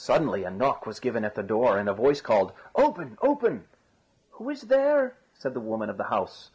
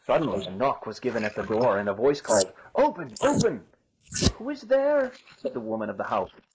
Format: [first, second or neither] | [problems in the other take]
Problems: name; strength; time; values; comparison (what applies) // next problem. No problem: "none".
first | noise reduction (neural mask model Resemble Enhance denoiser)